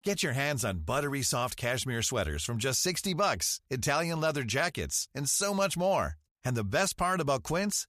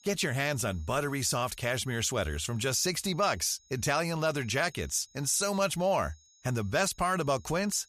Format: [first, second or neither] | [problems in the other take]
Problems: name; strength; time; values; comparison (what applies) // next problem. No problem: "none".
first | high-pitched whine; faint; throughout; 6.5 kHz, 30 dB below the speech